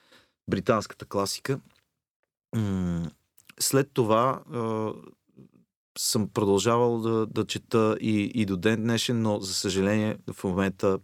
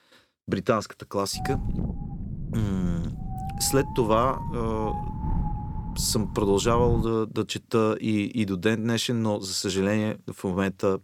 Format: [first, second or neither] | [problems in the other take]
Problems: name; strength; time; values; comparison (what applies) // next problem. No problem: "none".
first | wind noise on the microphone; occasional gusts; from 1.5 to 7 s; 10 dB below the speech